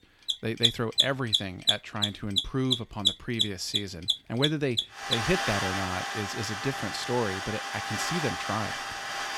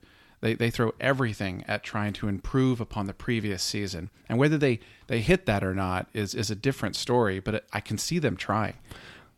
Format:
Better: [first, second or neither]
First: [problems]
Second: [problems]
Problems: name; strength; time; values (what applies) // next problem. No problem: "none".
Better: second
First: machinery noise; very loud; throughout; 3 dB above the speech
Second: none